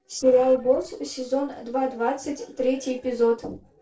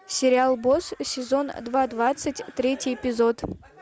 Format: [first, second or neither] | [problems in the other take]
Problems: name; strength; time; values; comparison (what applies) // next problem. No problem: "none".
second | noise reduction (neural separator model SepFormer DNS4)